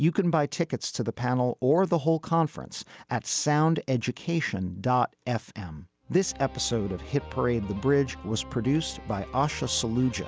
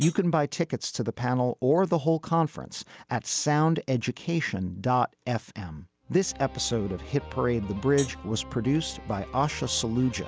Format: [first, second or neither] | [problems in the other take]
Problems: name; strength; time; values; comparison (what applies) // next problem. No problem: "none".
first | background sound (Hi-hat); 12 dB below the speech